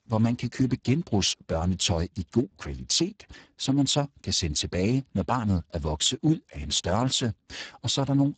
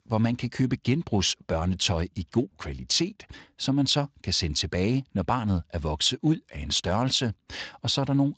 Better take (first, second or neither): second